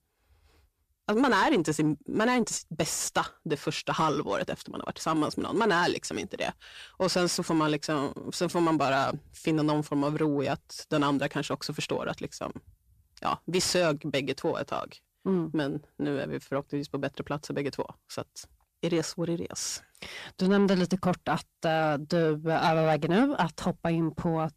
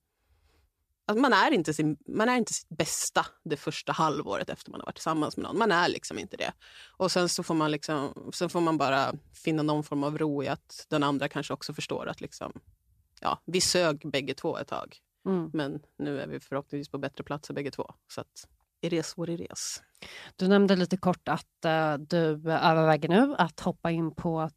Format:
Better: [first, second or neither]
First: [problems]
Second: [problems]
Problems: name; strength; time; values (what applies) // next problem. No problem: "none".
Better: second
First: distortion; slight; 10 dB below the speech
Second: none